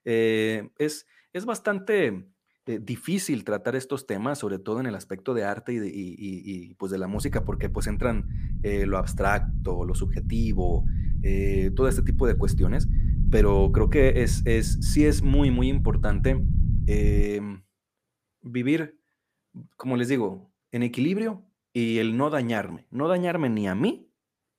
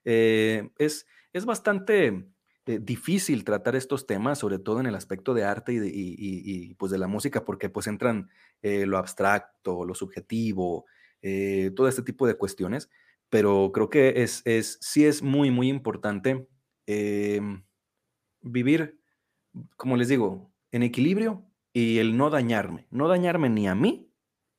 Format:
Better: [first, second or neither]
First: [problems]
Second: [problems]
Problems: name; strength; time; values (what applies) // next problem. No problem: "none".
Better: second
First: low rumble; noticeable; from 7 to 17 s; 15 dB below the speech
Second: none